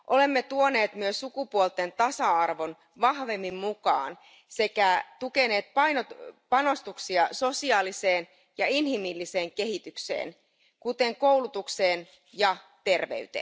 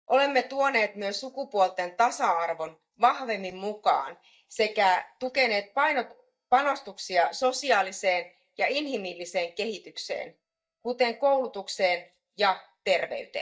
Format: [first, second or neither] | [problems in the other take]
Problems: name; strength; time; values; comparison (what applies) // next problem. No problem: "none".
first | noise reduction (neural mask model DeepFilterNet 3)